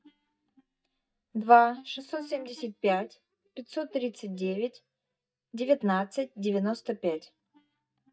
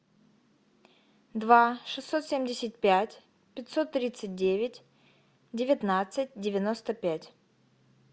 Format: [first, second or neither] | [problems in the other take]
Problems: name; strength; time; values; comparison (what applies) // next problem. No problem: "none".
second | noise reduction (neural mask model DeepFilterNet 3)